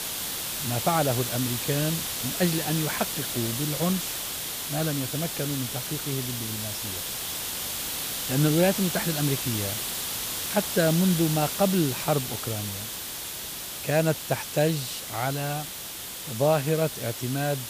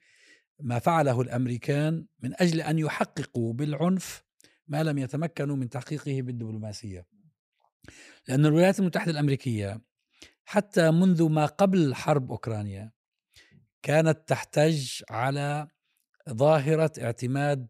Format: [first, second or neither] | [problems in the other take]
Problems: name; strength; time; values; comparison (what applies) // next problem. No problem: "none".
second | hiss; loud; throughout; 2 dB below the speech